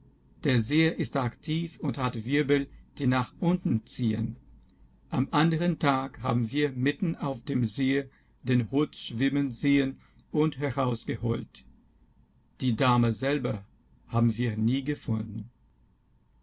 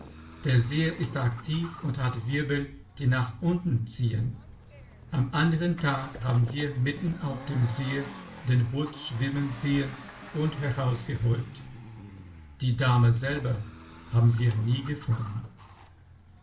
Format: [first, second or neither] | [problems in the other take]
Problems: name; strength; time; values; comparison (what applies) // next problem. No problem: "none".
first | background sound (Accelerating, revving, vroom); 18 dB below the speech // room echo; dies away in 0.4 s